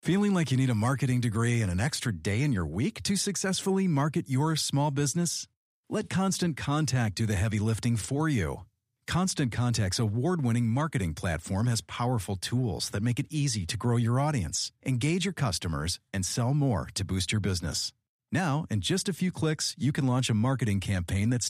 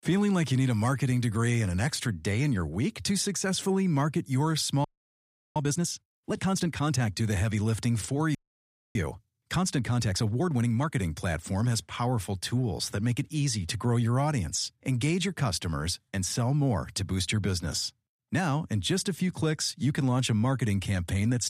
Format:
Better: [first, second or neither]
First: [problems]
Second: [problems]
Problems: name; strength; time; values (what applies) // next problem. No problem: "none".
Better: first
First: none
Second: audio freezing; at 5 s for 0.5 s and at 8.5 s for 0.5 s